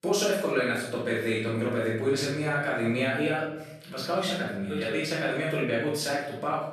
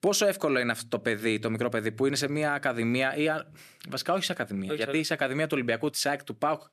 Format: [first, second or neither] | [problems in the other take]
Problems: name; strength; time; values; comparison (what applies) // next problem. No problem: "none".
second | off-mic speech; far // room echo; noticeable; dies away in 0.8 s